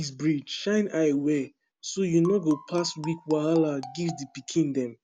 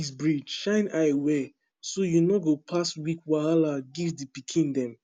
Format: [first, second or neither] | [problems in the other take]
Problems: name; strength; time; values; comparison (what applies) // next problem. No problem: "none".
second | background sound (Marimba, xylophone); 17 dB below the speech